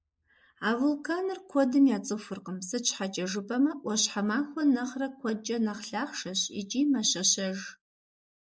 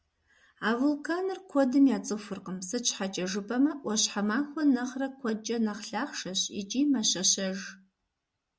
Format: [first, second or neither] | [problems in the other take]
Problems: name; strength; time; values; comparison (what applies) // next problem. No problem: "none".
second | noise reduction (neural mask model Resemble Enhance denoiser)